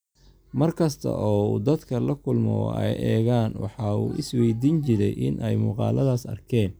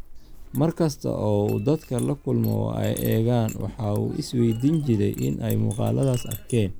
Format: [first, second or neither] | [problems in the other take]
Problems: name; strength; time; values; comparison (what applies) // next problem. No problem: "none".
first | background sound (Chink, clink); 16 dB below the speech